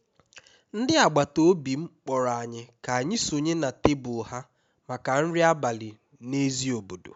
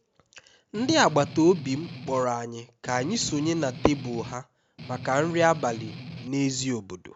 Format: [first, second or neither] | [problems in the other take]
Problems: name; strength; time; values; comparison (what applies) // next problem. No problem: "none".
first | background sound (Strum); 12 dB below the speech